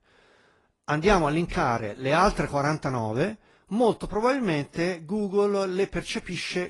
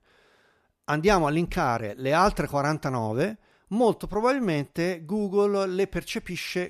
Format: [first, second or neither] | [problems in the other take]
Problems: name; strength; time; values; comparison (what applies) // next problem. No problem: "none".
second | garbled, watery; slightly